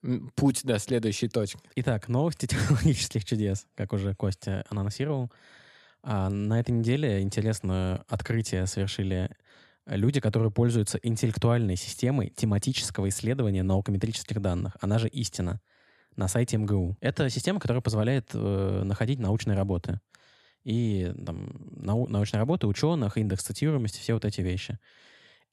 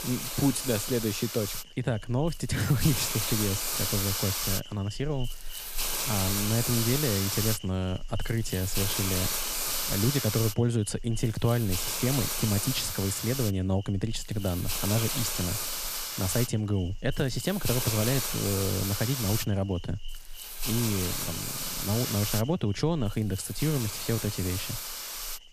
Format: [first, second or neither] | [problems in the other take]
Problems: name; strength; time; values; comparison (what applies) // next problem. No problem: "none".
first | hiss; loud; throughout; 1 dB below the speech